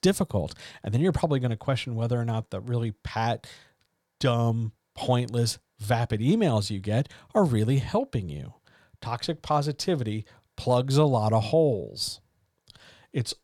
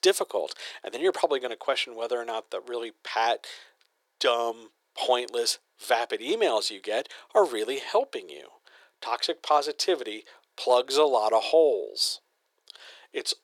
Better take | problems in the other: first | thin; very; fading below 350 Hz

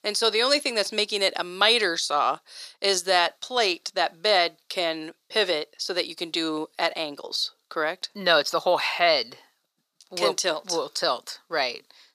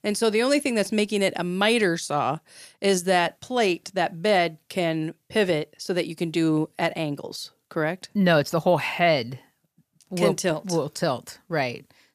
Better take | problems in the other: second | thin; somewhat; fading below 450 Hz

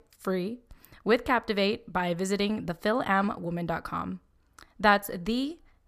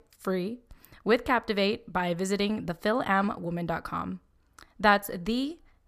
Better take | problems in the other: neither | none

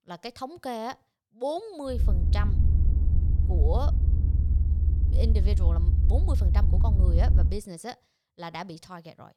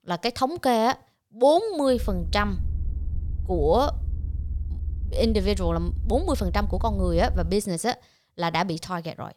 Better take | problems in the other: second | low rumble; loud; from 2 to 7.5 s; 6 dB below the speech; faint in the second

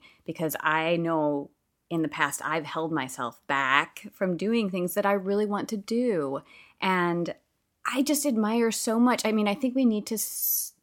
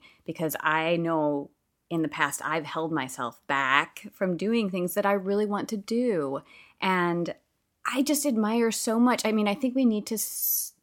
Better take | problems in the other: neither | none

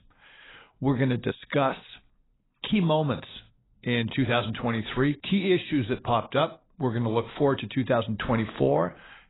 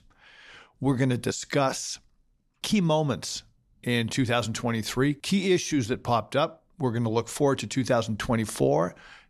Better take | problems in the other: second | garbled, watery; badly; nothing above 4 kHz

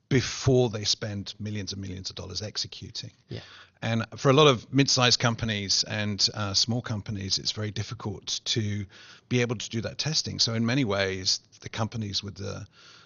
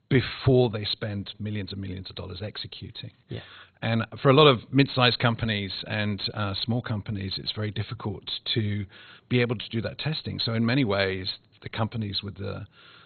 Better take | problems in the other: first | garbled, watery; badly; nothing above 4 kHz; slightly in the first

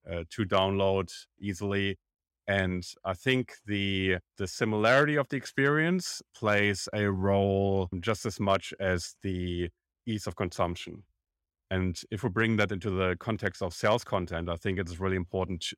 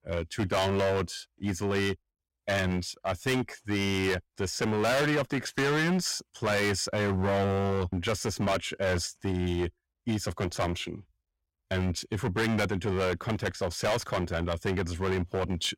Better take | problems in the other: first | distortion; heavy; 15% of the sound clipped

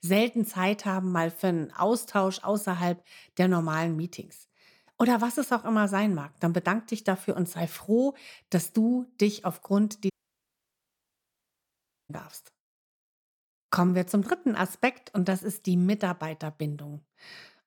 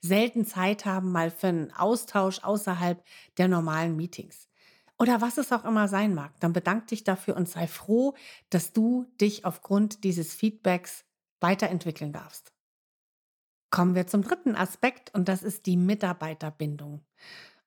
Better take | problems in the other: second | audio cutting out; at 10 s for 2 s

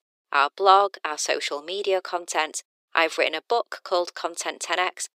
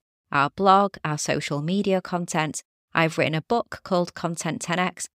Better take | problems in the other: second | thin; very; fading below 350 Hz

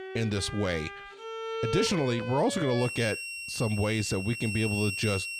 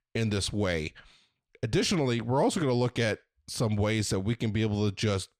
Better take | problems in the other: second | background music; loud; throughout; 6 dB below the speech

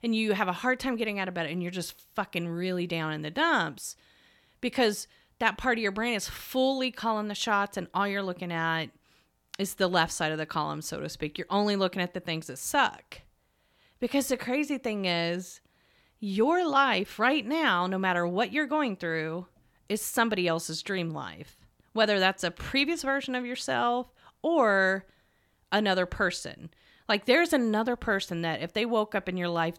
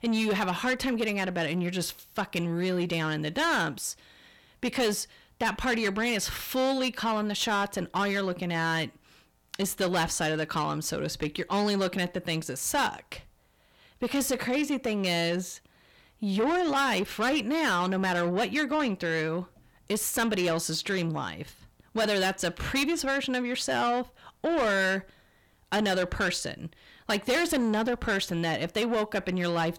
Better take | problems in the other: first | distortion; heavy; 7 dB below the speech

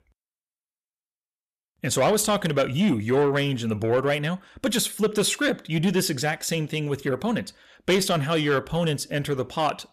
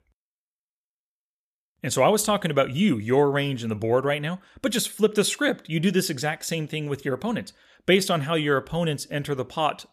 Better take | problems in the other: second | distortion; slight; 10 dB below the speech

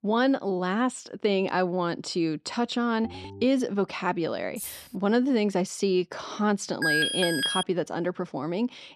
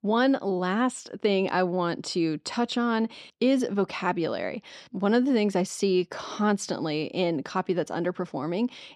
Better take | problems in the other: second | phone ringing; faint; at 3 s; peak 15 dB below the speech // jangling keys; noticeable; at 4.5 s; peak 10 dB below the speech // alarm; loud; at 7 s; peak 4 dB above the speech

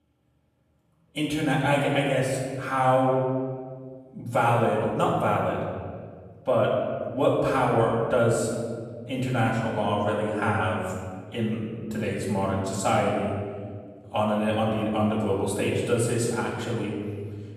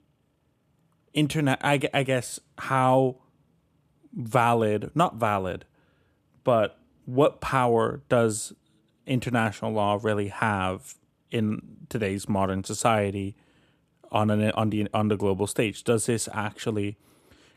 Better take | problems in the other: second | off-mic speech; far // room echo; noticeable; dies away in 1.7 s

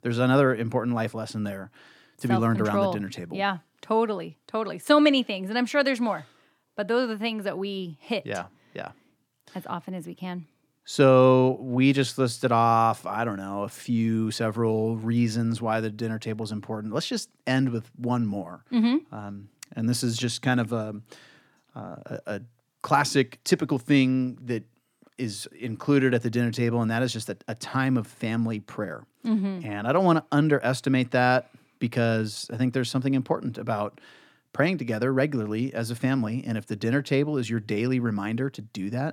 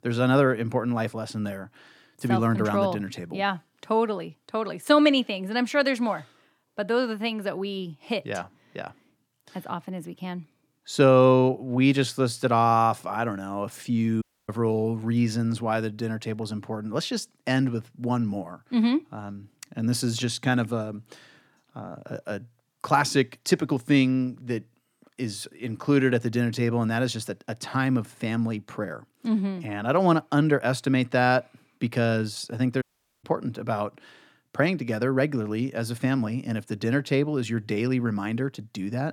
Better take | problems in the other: first | audio cutting out; at 14 s and at 33 s

